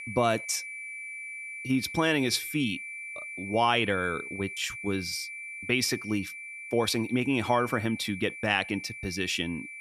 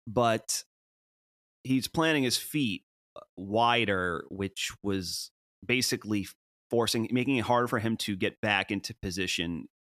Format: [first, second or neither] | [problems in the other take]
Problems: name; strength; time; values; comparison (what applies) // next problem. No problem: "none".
second | high-pitched whine; loud; throughout; 2.5 kHz, 9 dB below the speech